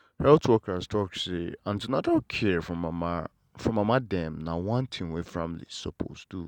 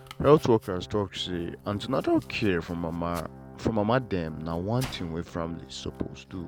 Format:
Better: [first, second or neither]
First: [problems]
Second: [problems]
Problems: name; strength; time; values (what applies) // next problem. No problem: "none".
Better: first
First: none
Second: background sound (Domestic sounds, home sounds + Organ); 17 dB below the speech